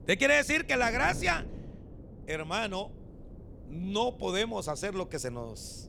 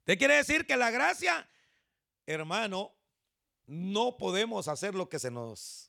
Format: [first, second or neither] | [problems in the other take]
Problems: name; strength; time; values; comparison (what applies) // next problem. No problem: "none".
second | wind noise on the microphone; occasional gusts; 25 dB below the speech